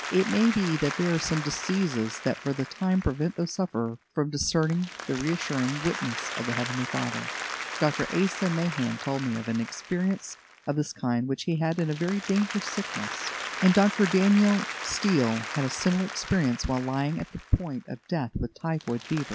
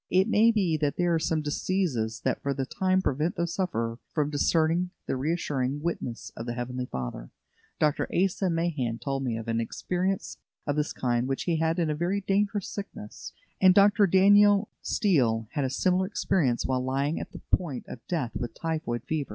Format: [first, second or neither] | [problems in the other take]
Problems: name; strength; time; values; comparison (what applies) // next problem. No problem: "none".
second | background sound (Applause); 10 dB below the speech